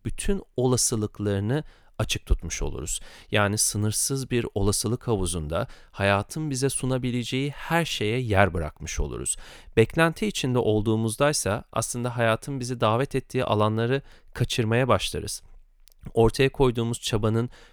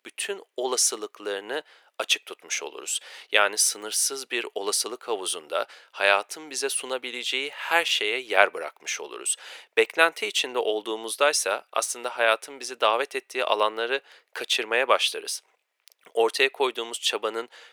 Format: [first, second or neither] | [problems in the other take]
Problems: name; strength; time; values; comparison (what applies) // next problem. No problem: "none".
first | thin; very; fading below 450 Hz